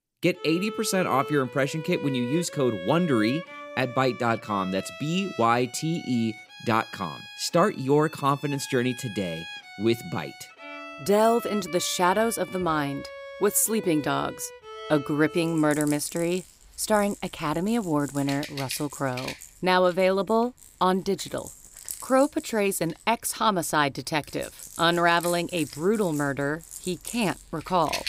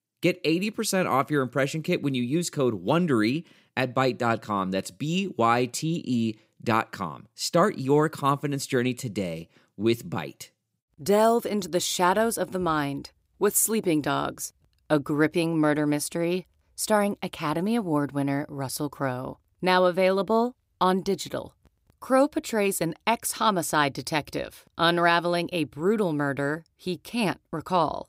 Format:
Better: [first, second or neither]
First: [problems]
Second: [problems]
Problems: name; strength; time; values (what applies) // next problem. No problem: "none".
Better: second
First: background music; noticeable; throughout; 15 dB below the speech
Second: none